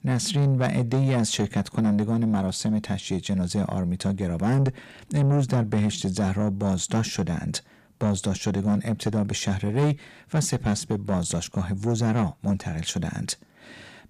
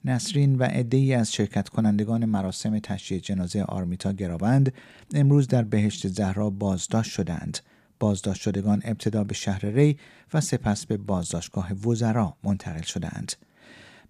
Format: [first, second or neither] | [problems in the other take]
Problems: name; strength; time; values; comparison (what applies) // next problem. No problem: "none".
second | distortion; slight; 10 dB below the speech